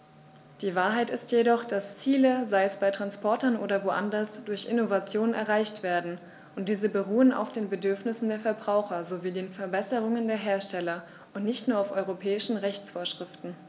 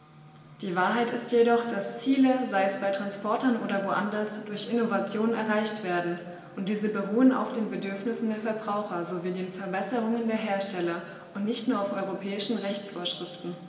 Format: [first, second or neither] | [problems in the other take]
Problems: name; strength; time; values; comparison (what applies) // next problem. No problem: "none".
first | room echo; dies away in 2.1 s